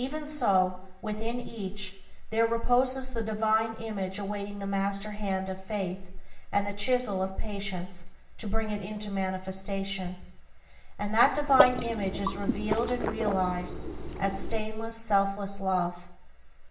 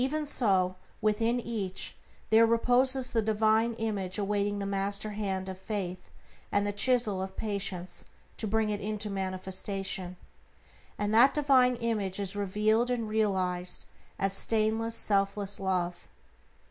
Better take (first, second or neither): second